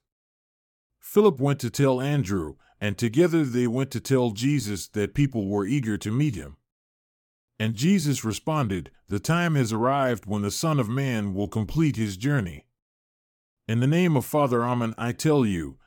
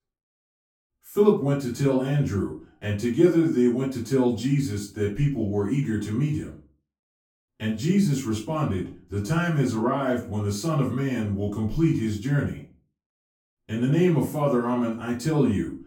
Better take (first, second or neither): first